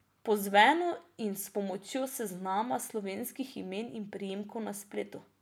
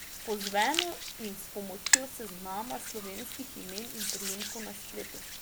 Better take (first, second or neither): first